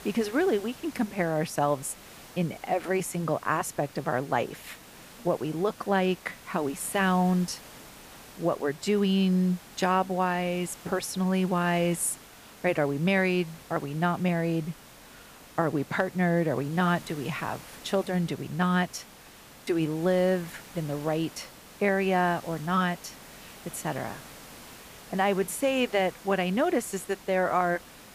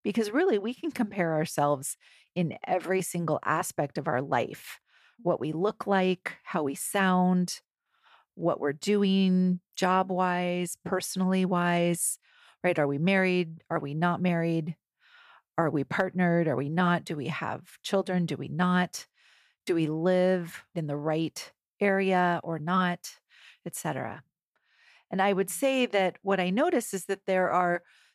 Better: second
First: hiss; noticeable; throughout; 20 dB below the speech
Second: none

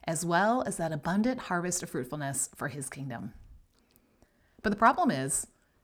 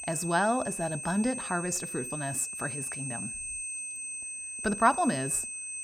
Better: first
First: none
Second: high-pitched whine; loud; throughout; 8.5 kHz, 5 dB below the speech

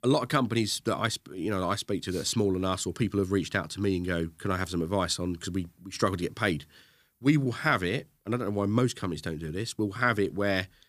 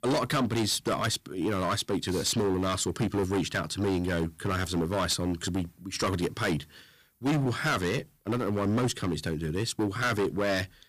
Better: first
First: none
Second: distortion; heavy; 13% of the sound clipped

